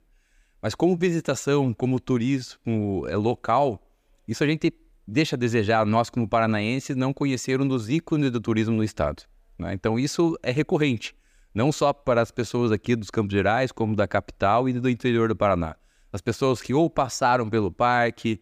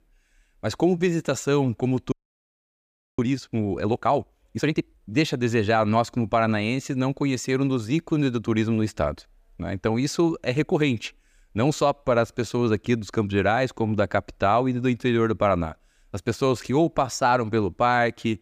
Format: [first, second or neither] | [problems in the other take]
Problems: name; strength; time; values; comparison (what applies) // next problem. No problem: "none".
first | audio freezing; at 2 s for 1 s